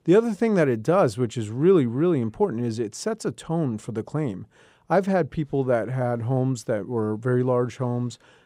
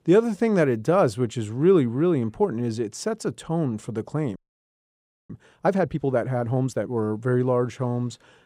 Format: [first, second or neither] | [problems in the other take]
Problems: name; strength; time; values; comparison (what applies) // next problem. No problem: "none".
first | audio freezing; at 4.5 s for 1 s